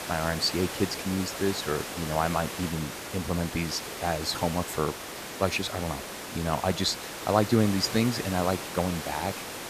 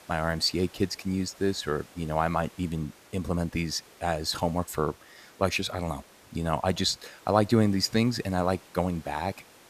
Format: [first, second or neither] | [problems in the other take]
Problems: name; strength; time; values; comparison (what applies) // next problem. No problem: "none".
second | hiss; loud; throughout; 7 dB below the speech; faint in the second